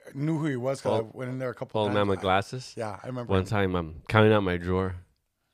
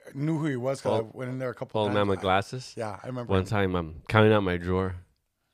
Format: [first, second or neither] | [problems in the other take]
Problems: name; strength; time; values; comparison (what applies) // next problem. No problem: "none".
neither | none